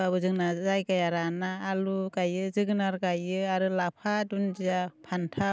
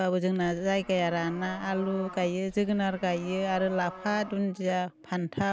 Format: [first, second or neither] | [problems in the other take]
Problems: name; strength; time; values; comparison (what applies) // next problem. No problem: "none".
first | background sound (Livestock, farm animals, working animals); 16 dB below the speech